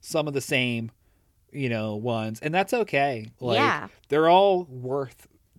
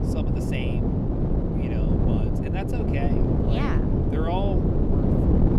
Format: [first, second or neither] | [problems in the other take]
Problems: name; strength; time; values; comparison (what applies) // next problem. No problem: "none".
first | wind noise on the microphone; heavy; 4 dB above the speech